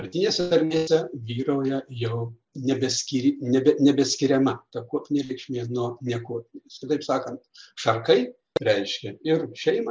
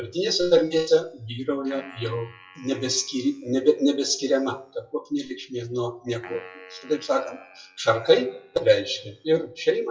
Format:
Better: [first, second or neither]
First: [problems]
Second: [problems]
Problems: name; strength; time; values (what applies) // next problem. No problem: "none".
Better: first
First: none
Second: noise reduction (classical method WPE with log-MMSE)